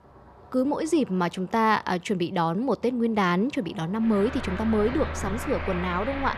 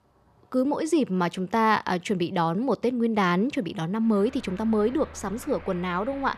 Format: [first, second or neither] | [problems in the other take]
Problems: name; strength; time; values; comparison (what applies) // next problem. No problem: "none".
second | traffic noise; loud; throughout; 8 dB below the speech; faint in the second